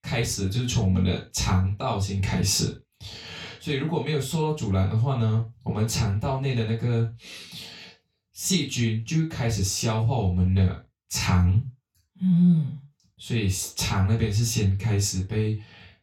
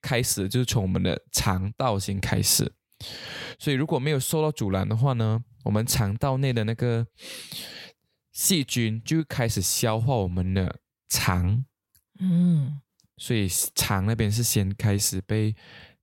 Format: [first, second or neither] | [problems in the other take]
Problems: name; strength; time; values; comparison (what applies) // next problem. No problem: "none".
second | room echo; noticeable; dies away in 0.2 s // off-mic speech; far